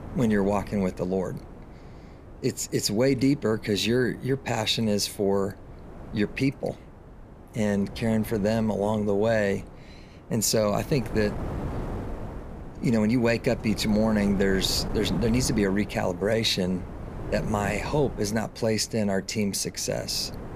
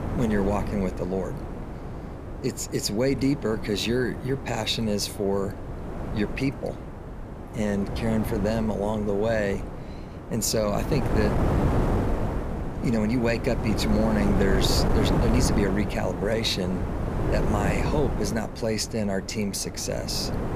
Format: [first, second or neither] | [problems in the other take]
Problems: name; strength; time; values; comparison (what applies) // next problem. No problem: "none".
first | wind noise on the microphone; heavy; 5 dB below the speech; occasional gusts in the first